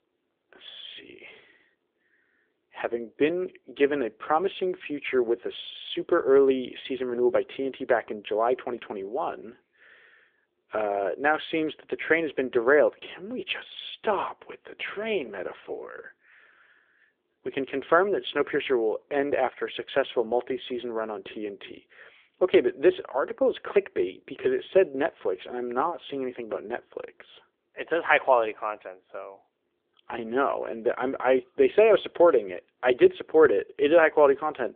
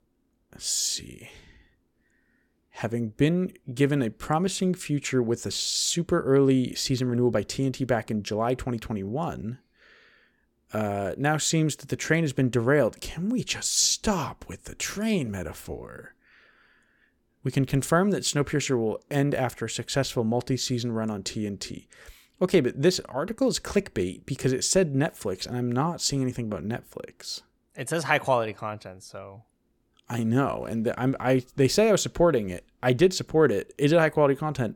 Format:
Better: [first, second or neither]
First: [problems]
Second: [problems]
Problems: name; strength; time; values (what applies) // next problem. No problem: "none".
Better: second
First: phone-call audio; nothing above 3.5 kHz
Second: none